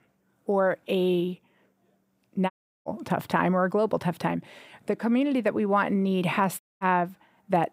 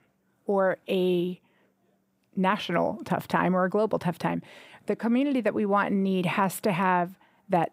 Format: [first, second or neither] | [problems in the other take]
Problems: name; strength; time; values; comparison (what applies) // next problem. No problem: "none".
second | audio cutting out; at 2.5 s and at 6.5 s